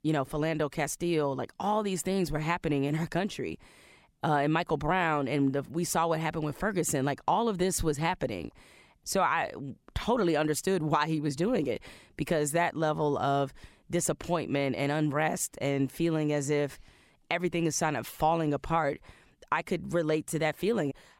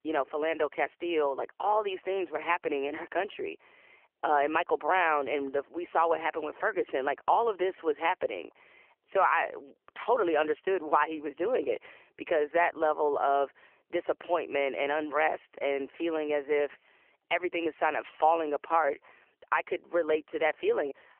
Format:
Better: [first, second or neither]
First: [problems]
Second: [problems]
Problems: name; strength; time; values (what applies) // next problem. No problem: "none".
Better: first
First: none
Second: phone-call audio; nothing above 3 kHz